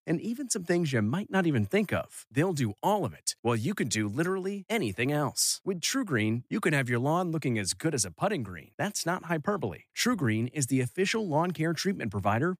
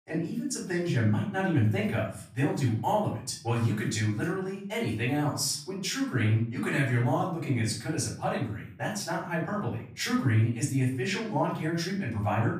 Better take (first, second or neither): first